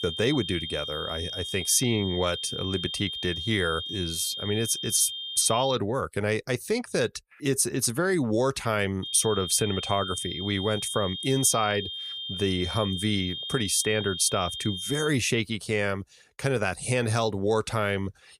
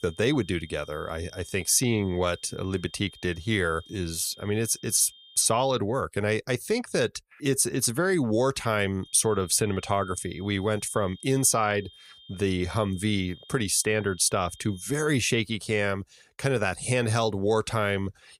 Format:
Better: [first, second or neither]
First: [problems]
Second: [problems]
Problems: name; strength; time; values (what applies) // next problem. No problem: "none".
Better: second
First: high-pitched whine; loud; until 6 s and from 9 to 15 s; 3 kHz, 6 dB below the speech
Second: high-pitched whine; faint; until 6 s and from 9 to 15 s; 3 kHz, 25 dB below the speech